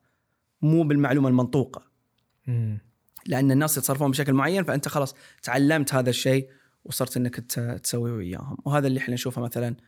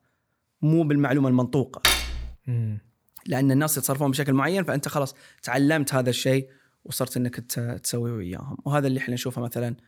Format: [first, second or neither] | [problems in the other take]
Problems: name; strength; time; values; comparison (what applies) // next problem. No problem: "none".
first | clattering dishes; loud; at 2 s; peak 4 dB above the speech